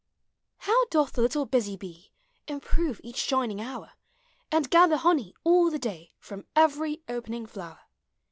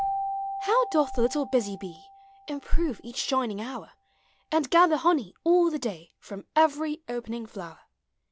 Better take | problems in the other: first | background sound (Keyboard (musical)); 13 dB below the speech

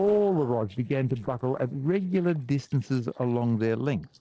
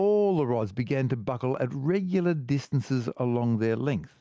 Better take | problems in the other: second | noise reduction (neural separator model SepFormer DNS4)

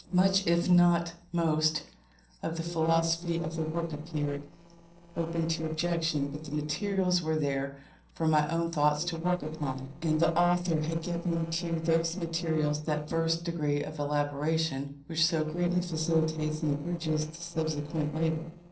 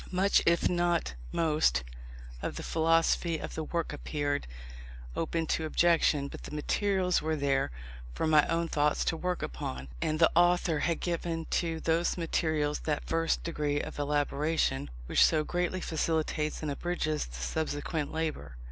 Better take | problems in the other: second | noise reduction (neural separator model SepFormer DNS4)

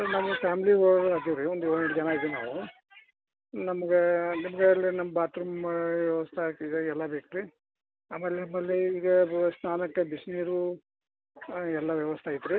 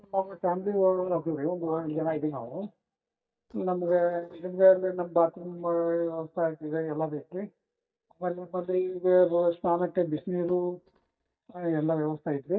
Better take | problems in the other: first | noise reduction (neural mask model DeepFilterNet 3)

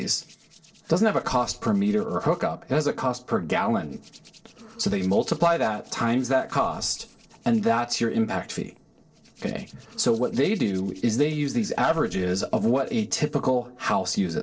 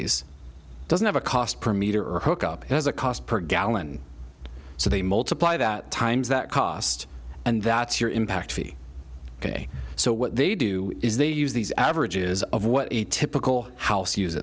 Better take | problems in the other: second | noise reduction (neural separator model SepFormer DNS4)

